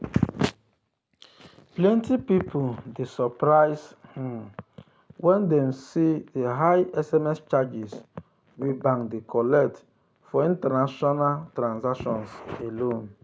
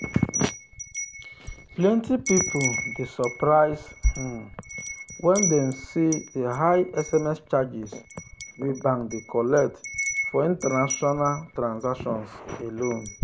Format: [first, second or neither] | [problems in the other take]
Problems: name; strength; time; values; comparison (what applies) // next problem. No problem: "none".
first | background sound (Wind chime); 8 dB below the speech